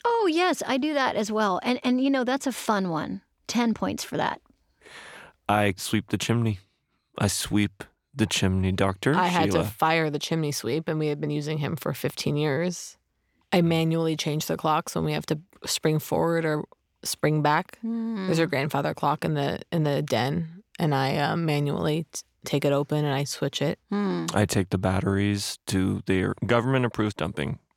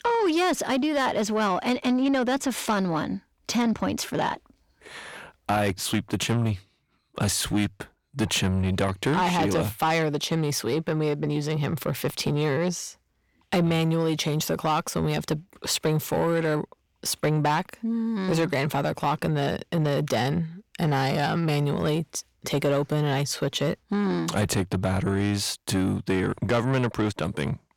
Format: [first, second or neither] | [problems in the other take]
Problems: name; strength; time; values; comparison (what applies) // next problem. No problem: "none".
first | distortion; slight; 10 dB below the speech